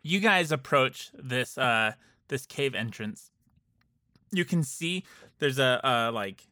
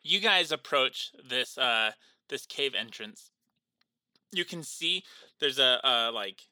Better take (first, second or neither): first